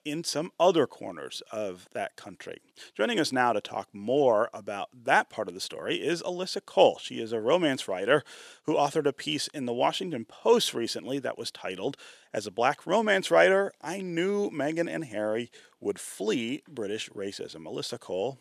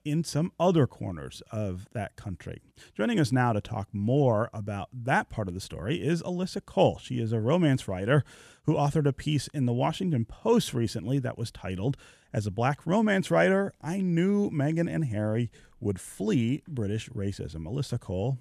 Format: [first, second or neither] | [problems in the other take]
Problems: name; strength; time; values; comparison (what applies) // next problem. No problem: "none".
second | thin; somewhat; fading below 400 Hz